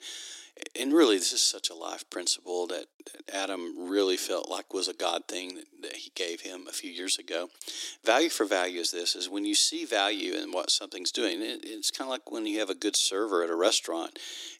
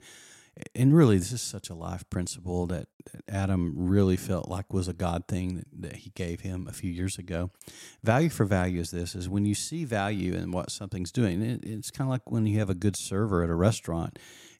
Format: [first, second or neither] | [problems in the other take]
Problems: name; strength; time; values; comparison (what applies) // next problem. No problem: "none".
second | thin; very; fading below 300 Hz